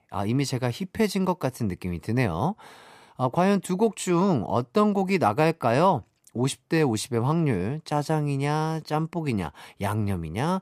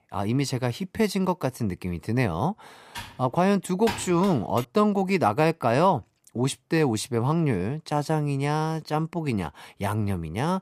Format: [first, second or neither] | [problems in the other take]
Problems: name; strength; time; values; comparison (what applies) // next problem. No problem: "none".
first | keyboard typing; noticeable; from 3 to 4.5 s; peak 8 dB below the speech